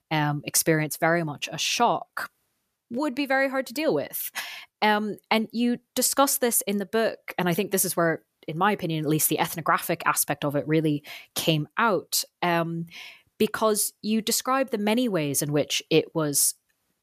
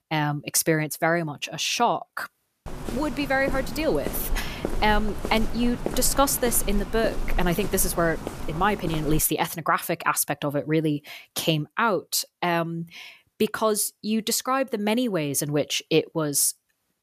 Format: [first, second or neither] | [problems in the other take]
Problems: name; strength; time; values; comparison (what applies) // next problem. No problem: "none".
first | footsteps; noticeable; from 2.5 to 9 s; peak 7 dB below the speech